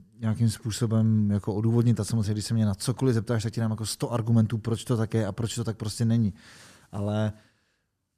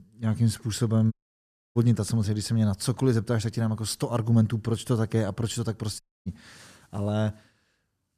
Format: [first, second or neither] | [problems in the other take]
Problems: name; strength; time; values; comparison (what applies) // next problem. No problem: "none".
first | audio cutting out; at 1 s for 0.5 s and at 6 s